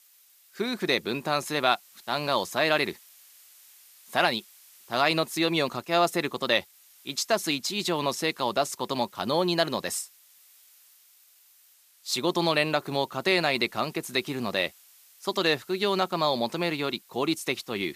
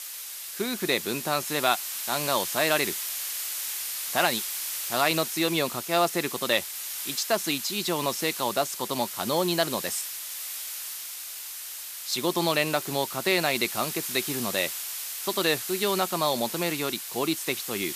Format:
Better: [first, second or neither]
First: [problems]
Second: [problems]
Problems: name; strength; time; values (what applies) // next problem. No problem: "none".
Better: first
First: hiss; faint; throughout; 25 dB below the speech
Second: hiss; loud; throughout; 5 dB below the speech